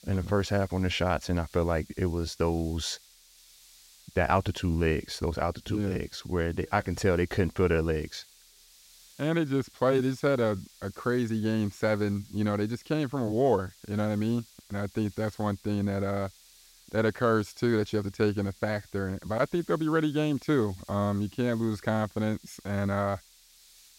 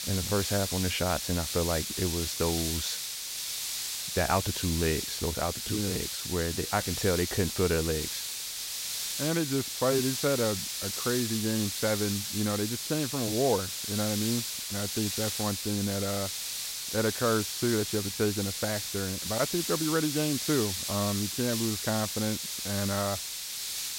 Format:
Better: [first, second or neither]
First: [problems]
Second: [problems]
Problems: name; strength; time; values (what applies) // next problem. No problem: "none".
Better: first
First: hiss; faint; throughout; 25 dB below the speech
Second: hiss; loud; throughout; 1 dB below the speech